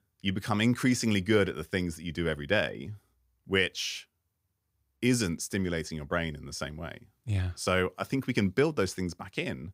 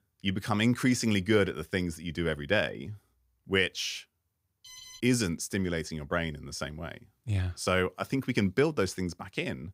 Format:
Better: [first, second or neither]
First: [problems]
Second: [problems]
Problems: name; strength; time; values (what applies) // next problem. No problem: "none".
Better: first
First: none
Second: alarm; faint; at 4.5 s; peak 15 dB below the speech